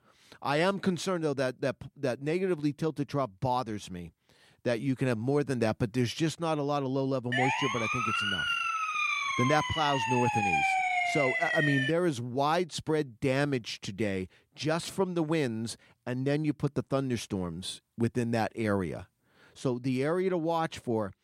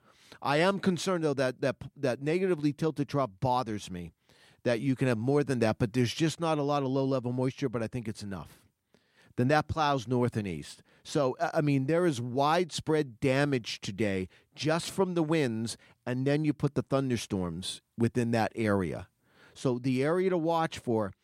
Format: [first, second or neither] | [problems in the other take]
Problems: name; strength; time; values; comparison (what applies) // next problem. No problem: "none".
second | siren; loud; from 7.5 to 12 s; peak 5 dB above the speech